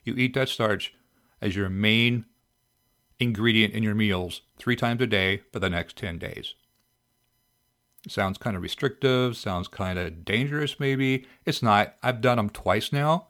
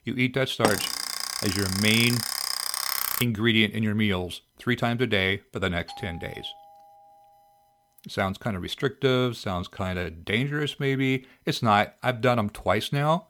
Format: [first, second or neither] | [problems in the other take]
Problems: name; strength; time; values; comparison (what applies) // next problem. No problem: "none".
first | alarm; loud; from 0.5 to 3 s; peak 1 dB above the speech // doorbell; faint; from 6 to 7.5 s; peak 15 dB below the speech